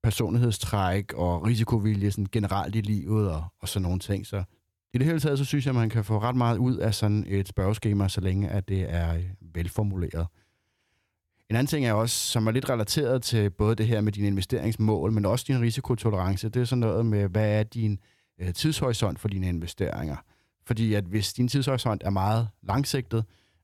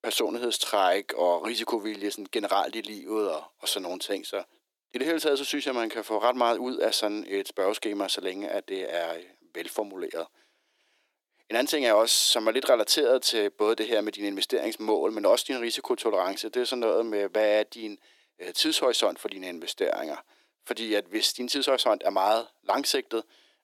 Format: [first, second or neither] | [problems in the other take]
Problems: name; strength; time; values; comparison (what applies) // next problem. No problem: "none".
first | thin; very; fading below 300 Hz